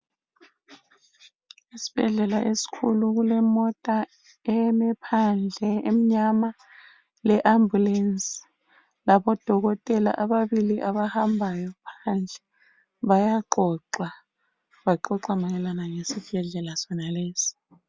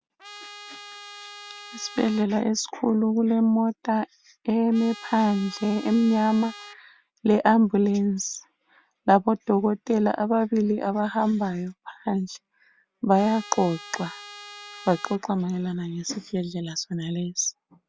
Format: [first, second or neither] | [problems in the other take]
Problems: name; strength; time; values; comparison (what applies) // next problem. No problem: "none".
first | background sound (Trumpet); 18 dB below the speech